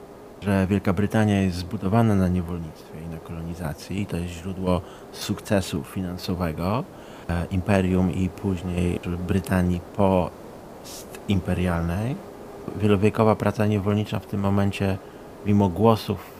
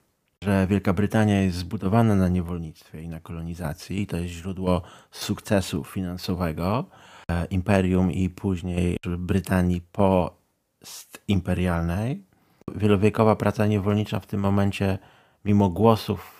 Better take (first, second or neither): second